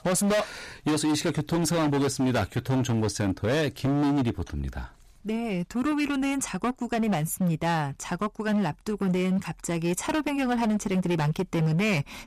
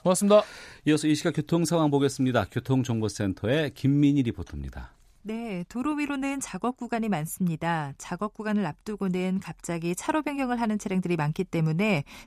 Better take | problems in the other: second | distortion; heavy; 19% of the sound clipped

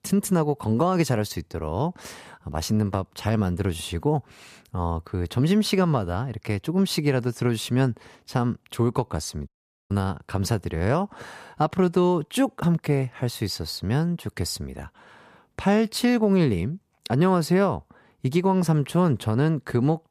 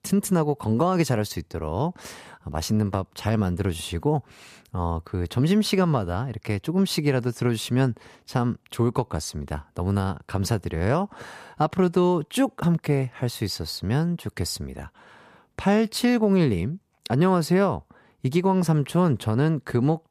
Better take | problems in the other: second | audio cutting out; at 9.5 s

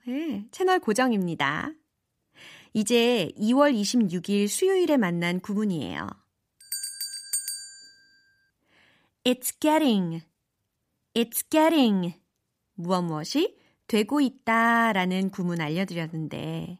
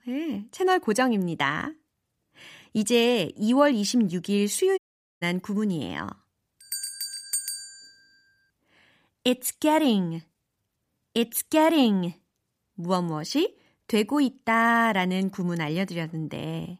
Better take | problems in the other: first | audio cutting out; at 5 s

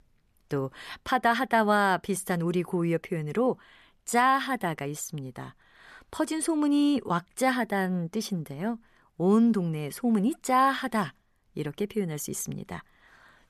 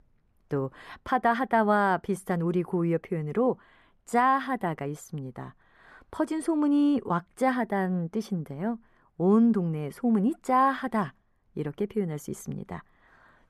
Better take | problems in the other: first | muffled; slightly; fading above 2 kHz

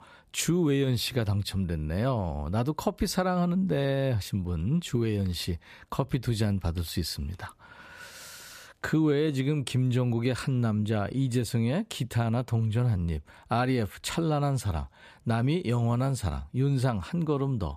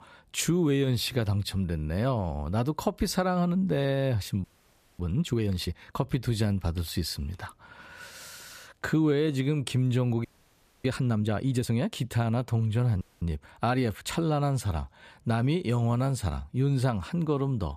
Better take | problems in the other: first | audio freezing; at 4.5 s for 0.5 s, at 10 s for 0.5 s and at 13 s

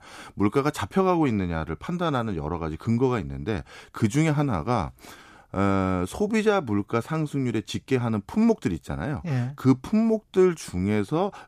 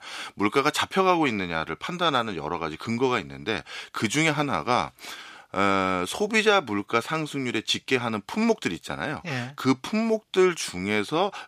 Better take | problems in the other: first | thin; somewhat; fading below 900 Hz

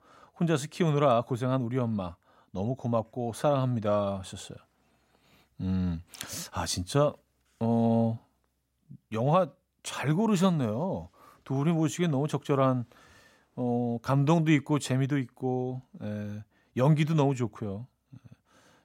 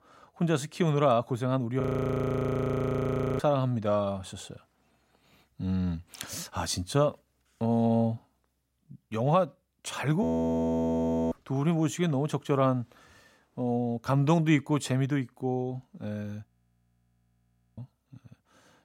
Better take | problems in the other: first | audio freezing; at 2 s for 1.5 s, at 10 s for 1 s and at 16 s for 1.5 s

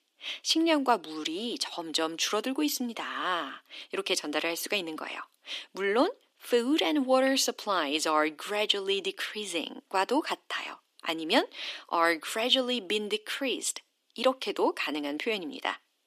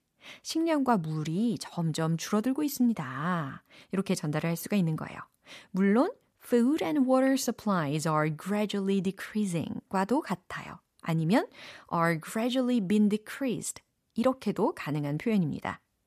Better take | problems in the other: second | thin; somewhat; fading below 300 Hz

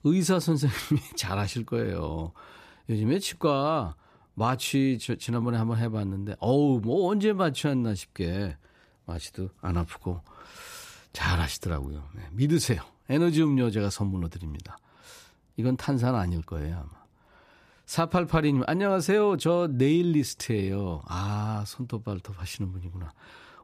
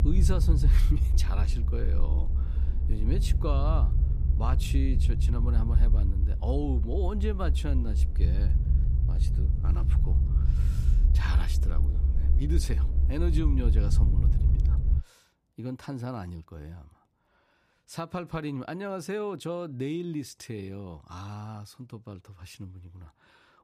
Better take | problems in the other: first | low rumble; loud; until 15 s; 6 dB below the speech

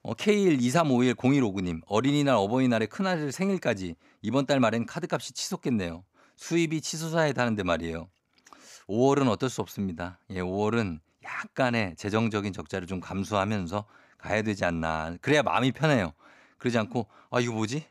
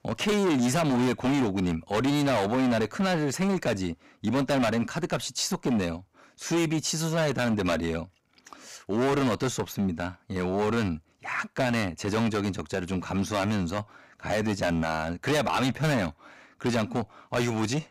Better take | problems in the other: first | distortion; heavy; 16% of the sound clipped

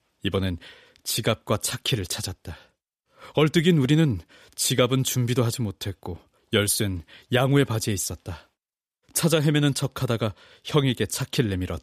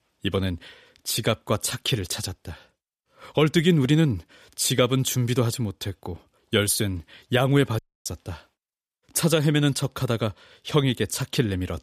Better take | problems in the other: first | audio cutting out; at 8 s

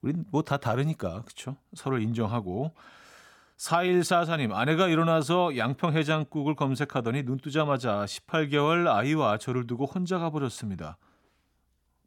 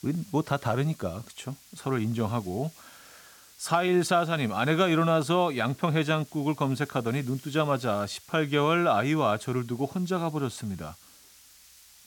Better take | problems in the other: first | hiss; faint; throughout; 25 dB below the speech

